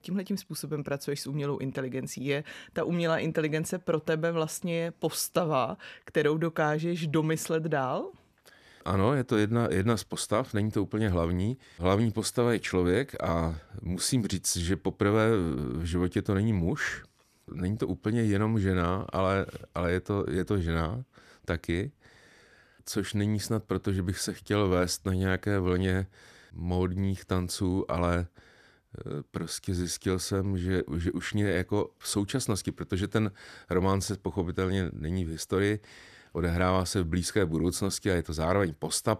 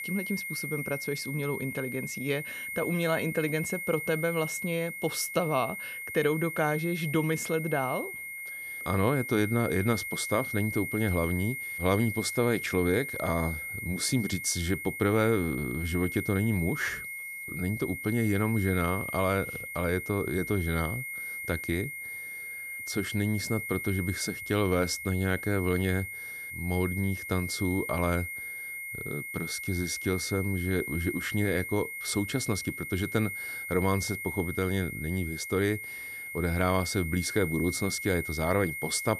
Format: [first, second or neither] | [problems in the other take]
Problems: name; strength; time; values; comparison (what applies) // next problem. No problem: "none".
first | high-pitched whine; loud; throughout; 2 kHz, 5 dB below the speech